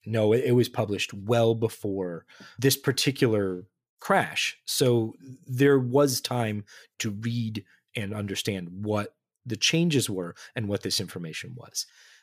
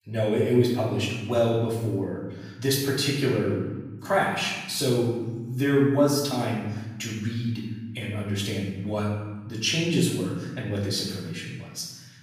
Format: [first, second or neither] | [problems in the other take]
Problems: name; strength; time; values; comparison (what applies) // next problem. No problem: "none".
first | room echo; noticeable; dies away in 1.1 s // off-mic speech; far